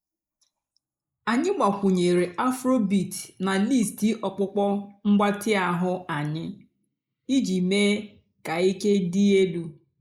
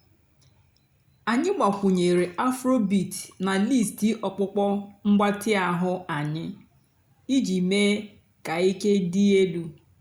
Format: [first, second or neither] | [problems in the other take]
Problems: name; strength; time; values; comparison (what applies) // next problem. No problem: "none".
second | noise reduction (neural mask model Resemble Enhance denoiser)